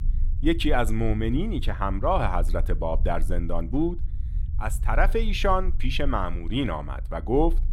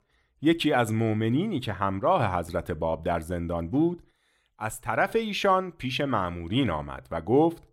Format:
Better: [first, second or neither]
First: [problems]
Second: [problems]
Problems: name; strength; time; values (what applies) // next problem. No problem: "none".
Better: second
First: low rumble; faint; throughout; 25 dB below the speech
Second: none